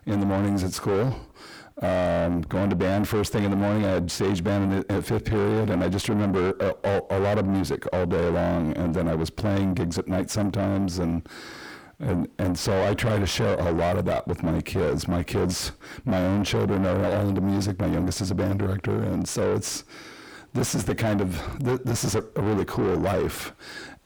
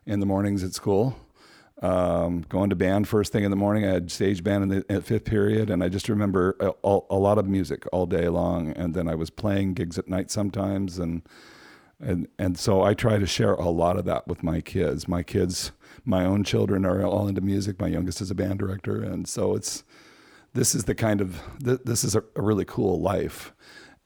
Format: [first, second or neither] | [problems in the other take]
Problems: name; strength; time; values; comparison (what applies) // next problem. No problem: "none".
second | distortion; heavy; 7 dB below the speech